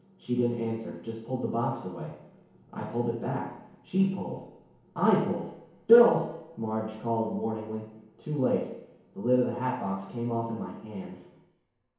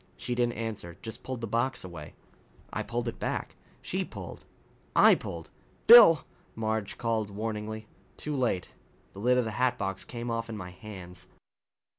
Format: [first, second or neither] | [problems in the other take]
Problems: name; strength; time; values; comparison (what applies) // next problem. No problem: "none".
second | room echo; dies away in 1 s